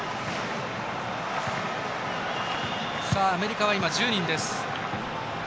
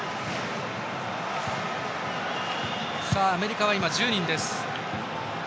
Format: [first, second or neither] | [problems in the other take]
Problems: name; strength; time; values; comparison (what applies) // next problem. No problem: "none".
second | background sound (Boiling); 11 dB below the speech